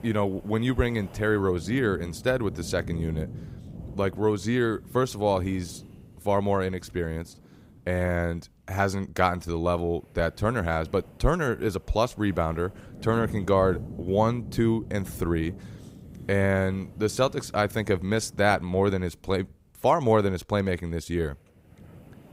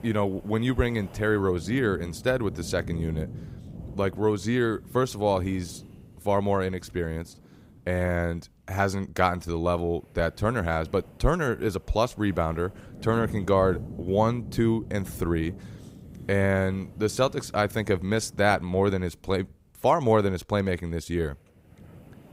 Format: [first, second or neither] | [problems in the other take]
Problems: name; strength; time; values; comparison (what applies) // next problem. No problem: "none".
neither | wind noise on the microphone; occasional gusts; 25 dB below the speech; the same in both